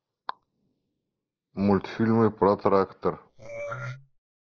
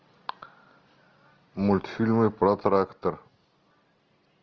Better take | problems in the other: second | noise reduction (neural mask model Resemble Enhance denoiser)

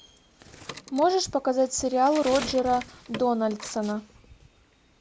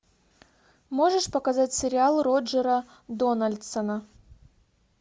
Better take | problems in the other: second | background sound (Bird); 16 dB below the speech

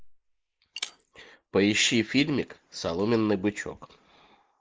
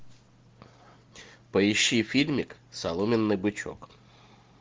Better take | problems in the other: second | noise reduction (neural mask model Resemble Enhance denoiser)

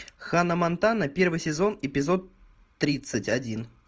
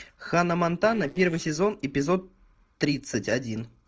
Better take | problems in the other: first | noise reduction (neural separator model SepFormer DNS4)

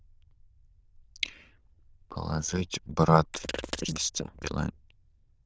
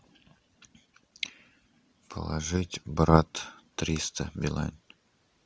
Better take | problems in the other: second | noise reduction (neural diffusion model UNIVERSE++)

